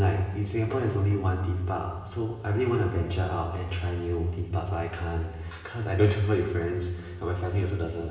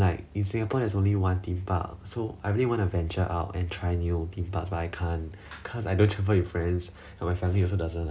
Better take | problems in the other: second | room echo; dies away in 1.3 s

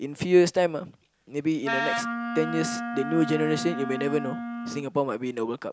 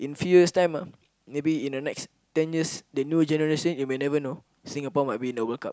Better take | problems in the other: second | background sound (Wind instrument, woodwind instrument); 5 dB below the speech

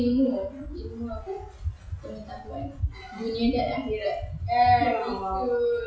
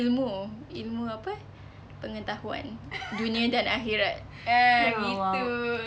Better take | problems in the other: second | noise reduction (classical method WPE with log-MMSE)

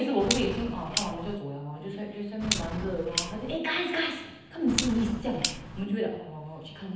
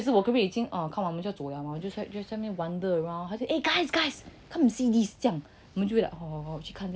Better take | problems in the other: second | background sound (Clock); 5 dB below the speech // room echo; dies away in 0.9 s

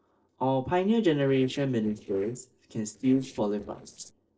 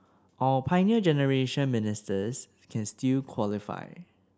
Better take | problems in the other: second | noise reduction (neural separator model SepFormer DNS4)

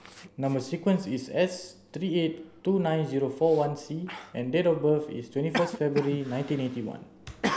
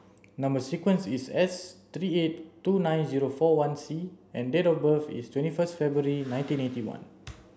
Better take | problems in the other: second | background sound (Cough); 12 dB below the speech

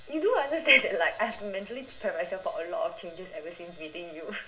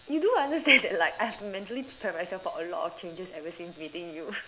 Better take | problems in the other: second | room echo; dies away in 0.2 s

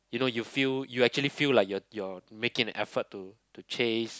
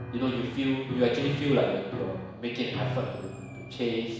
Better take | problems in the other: first | background sound (Piano); 8 dB below the speech // room echo; dies away in 1.1 s

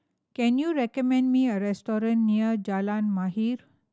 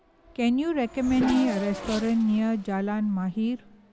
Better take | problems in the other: first | background sound (Gong + Race car, auto racing / Accelerating, revving, vroom); 12 dB below the speech

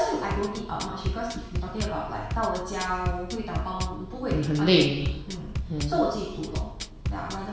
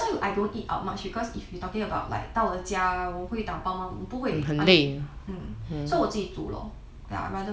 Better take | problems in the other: second | background sound (Bass drum / Drum kit); 6 dB below the speech // room echo; dies away in 1.1 s

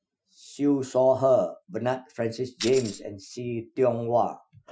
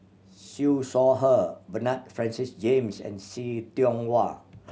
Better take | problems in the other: second | noise reduction (classical method Wiener filter)

